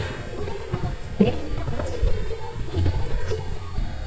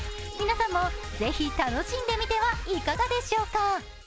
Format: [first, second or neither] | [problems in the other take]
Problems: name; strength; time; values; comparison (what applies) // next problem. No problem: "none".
second | noise reduction (neural mask model DeepFilterNet 3)